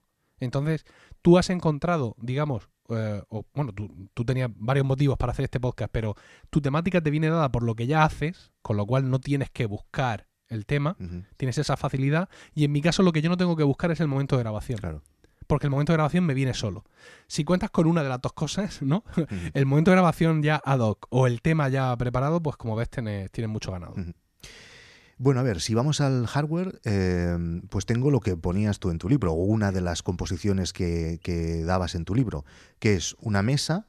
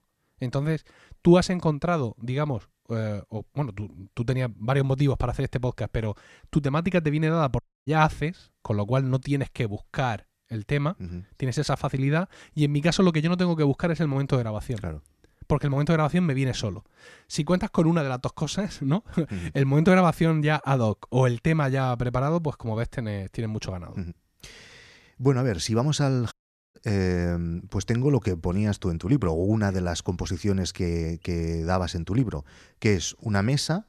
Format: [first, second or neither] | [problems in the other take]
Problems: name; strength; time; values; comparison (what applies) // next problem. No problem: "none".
first | audio cutting out; at 7.5 s and at 26 s